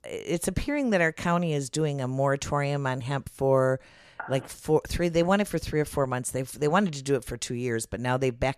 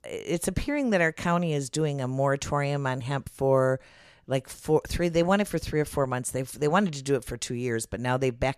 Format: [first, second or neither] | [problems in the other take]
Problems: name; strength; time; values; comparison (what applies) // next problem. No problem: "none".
second | phone ringing; faint; at 4 s; peak 15 dB below the speech